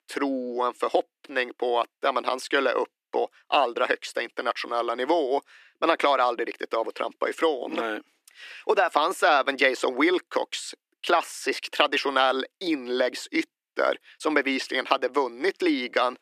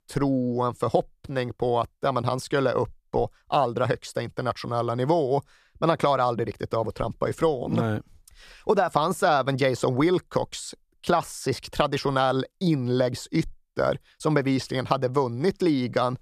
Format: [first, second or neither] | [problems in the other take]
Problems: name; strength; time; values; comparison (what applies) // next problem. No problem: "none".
second | thin; somewhat; fading below 300 Hz